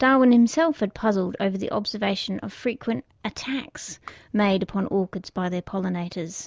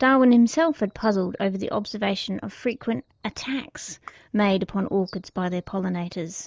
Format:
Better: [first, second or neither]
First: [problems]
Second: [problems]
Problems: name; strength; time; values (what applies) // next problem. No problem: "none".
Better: first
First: none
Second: noise reduction (neural mask model DeepFilterNet 3)